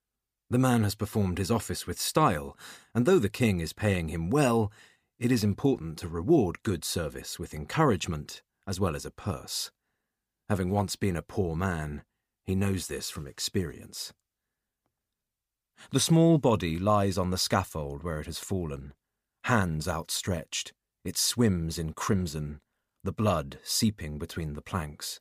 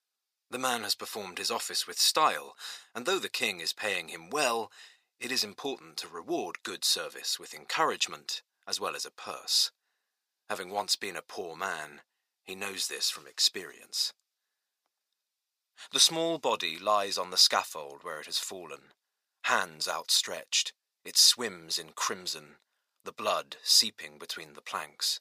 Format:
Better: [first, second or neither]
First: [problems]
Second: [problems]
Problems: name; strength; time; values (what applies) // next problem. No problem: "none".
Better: first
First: none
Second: thin; very; fading below 700 Hz